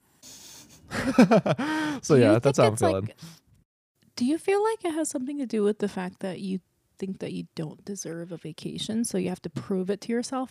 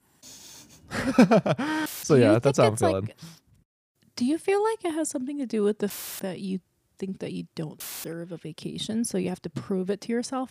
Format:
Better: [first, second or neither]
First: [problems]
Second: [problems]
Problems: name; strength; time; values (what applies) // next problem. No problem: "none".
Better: first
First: none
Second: audio cutting out; filled with static; at 2 s, at 6 s and at 8 s